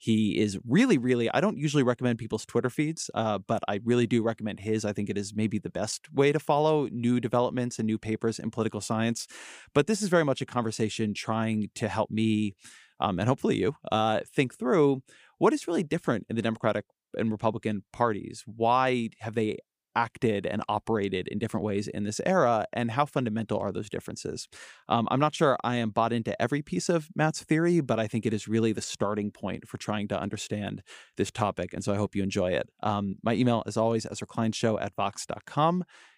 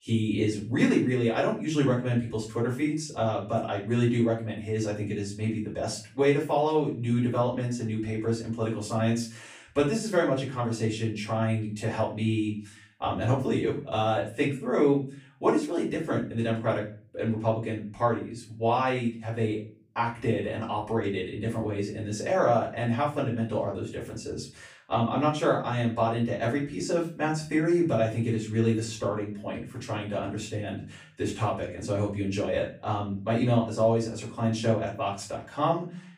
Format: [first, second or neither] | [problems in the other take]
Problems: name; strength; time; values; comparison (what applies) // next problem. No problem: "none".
first | room echo; slight; dies away in 0.3 s // off-mic speech; far